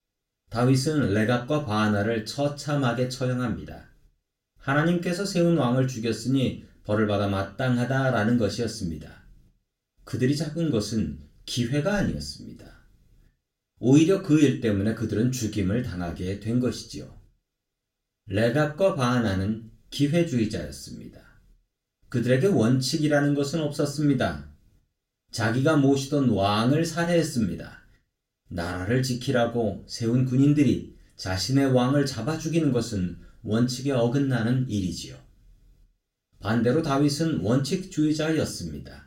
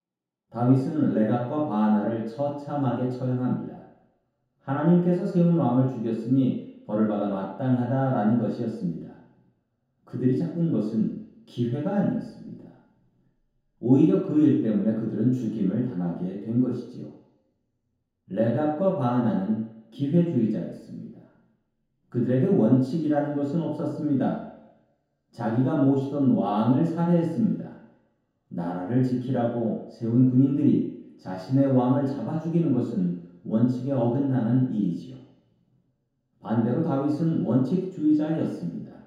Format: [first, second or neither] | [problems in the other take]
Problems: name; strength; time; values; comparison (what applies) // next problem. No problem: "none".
first | room echo; strong; dies away in 0.8 s; slight in the first // off-mic speech; far; far in the first